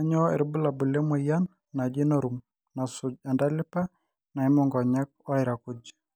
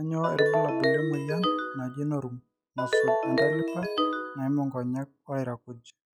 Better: first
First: none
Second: noise reduction (classical method log-MMSE)

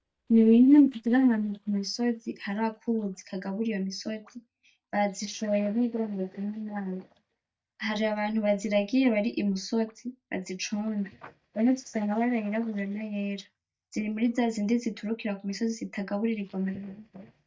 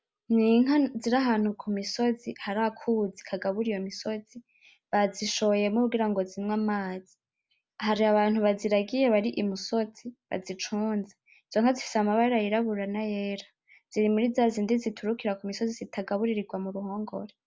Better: second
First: noise reduction (neural mask model DeepFilterNet 3)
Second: none

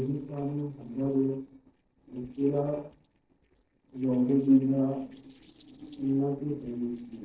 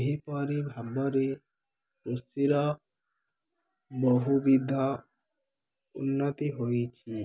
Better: second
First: noise reduction (neural separator model SepFormer DNS4)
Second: none

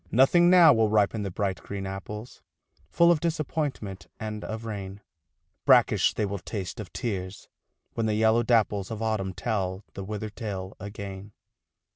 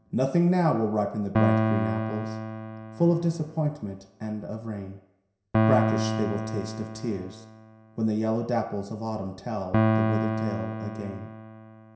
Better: first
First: none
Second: background sound (Piano); as loud as the speech // room echo; dies away in 0.7 s

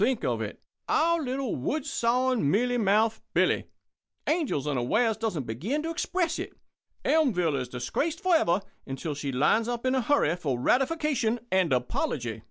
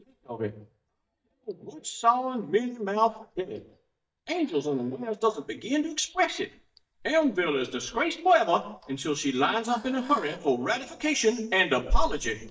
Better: first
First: none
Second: noise reduction (neural mask model DeepFilterNet 3)

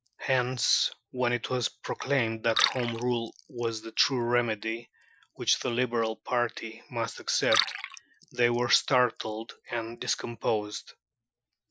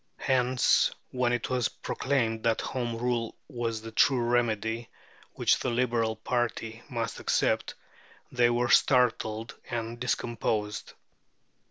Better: second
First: noise reduction (classical method Wiener filter)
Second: none

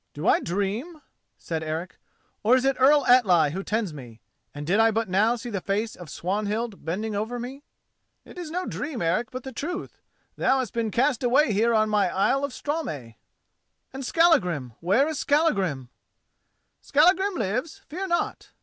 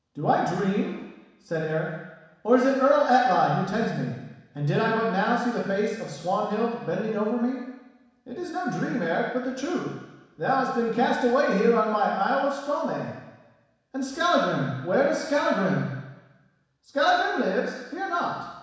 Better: first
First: none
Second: room echo; dies away in 1.1 s

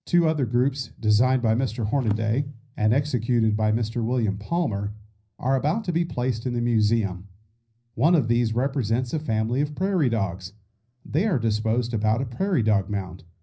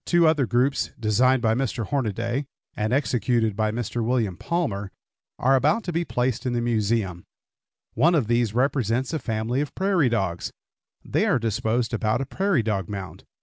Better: second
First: background sound (Percussion); 17 dB below the speech // room echo; dies away in 0.5 s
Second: none

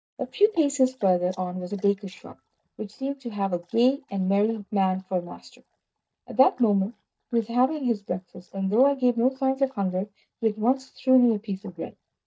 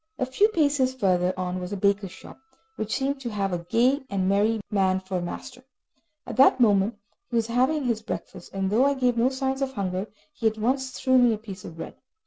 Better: second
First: noise reduction (neural mask model DeepFilterNet 3)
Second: none

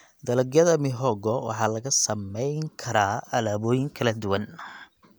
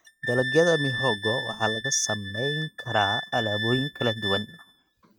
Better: first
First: none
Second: noise reduction (neural mask model RNNoise)

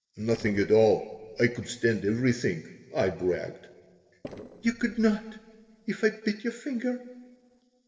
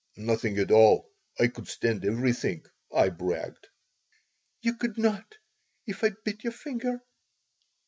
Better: second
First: noise reduction (neural separator model SepFormer DNS4)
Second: none

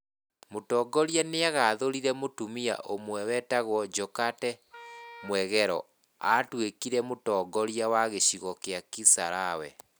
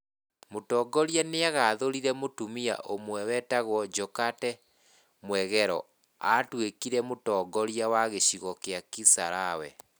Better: second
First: background sound (Wind instrument, woodwind instrument); 20 dB below the speech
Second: none

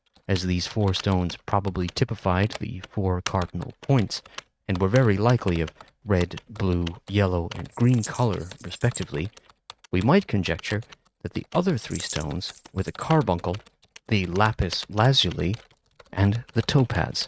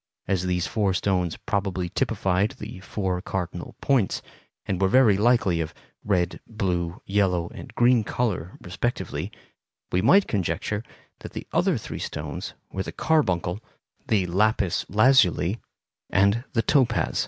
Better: second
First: noise reduction (neural mask model RNNoise)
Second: none

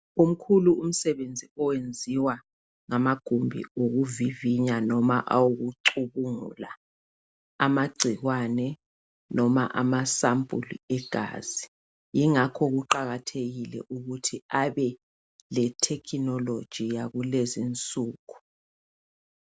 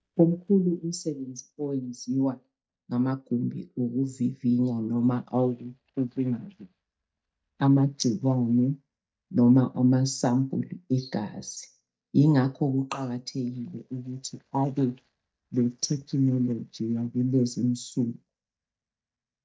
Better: first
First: none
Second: noise reduction (neural mask model DeepFilterNet 3)

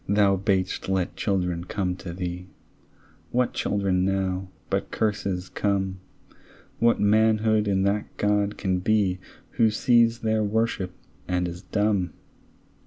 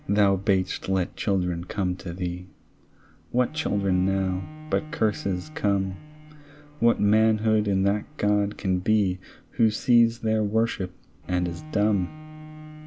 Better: first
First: none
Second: background sound (Bowed string instrument); 20 dB below the speech

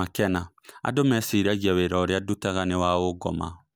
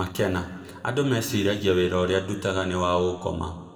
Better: first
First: none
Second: room echo; dies away in 1.7 s

